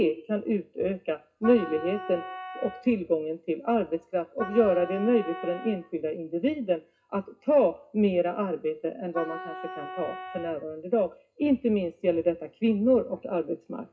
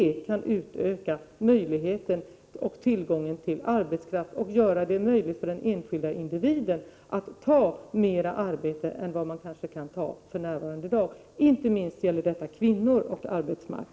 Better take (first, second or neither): second